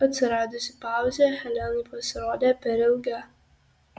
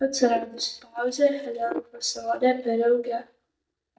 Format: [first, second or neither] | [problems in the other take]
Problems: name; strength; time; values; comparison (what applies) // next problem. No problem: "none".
first | noise reduction (neural mask model DeepFilterNet 3)